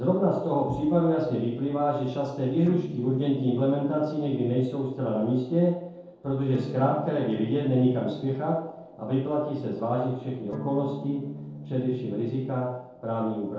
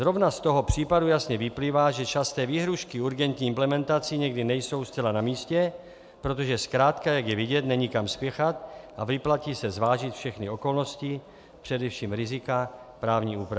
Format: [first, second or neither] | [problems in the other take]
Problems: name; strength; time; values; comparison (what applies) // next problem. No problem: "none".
second | noise reduction (neural separator model SepFormer DNS4)